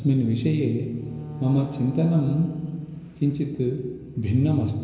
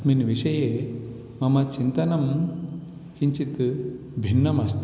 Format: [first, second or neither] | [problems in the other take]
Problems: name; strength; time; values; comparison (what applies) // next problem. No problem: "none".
second | background sound (Wind instrument, woodwind instrument); 16 dB below the speech // room echo; dies away in 0.7 s